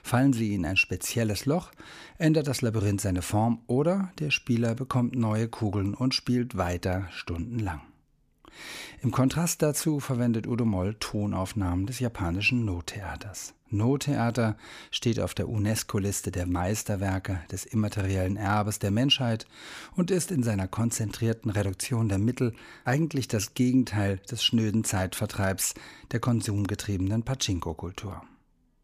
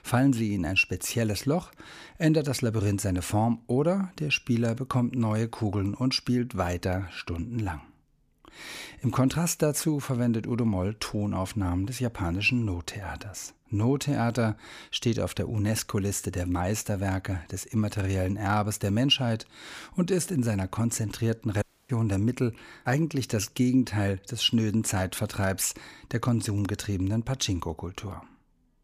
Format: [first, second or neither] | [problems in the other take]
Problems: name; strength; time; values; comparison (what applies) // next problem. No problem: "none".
first | audio cutting out; at 22 s